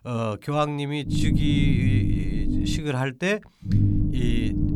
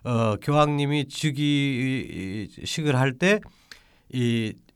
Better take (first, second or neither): second